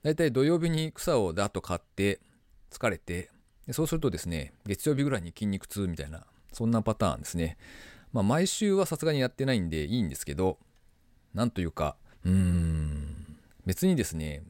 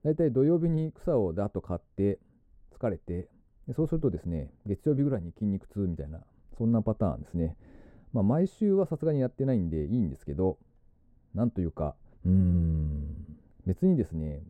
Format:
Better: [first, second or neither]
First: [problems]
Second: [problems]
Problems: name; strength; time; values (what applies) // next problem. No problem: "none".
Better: first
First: none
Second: muffled; very; fading above 1.5 kHz